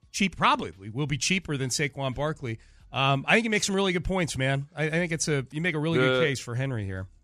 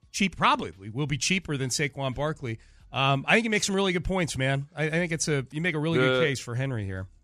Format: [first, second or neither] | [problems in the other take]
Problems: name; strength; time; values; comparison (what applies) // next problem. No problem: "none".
neither | none